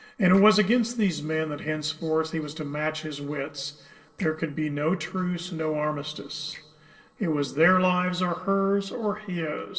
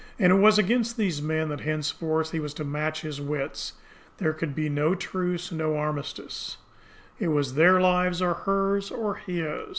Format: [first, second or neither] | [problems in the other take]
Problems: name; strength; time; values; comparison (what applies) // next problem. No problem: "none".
second | noise reduction (neural separator model SepFormer DNS4)